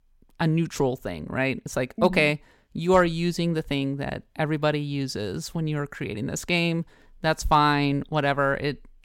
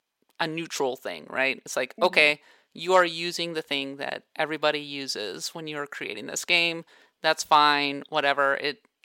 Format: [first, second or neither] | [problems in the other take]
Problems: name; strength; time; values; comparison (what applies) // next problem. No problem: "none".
first | thin; somewhat; fading below 450 Hz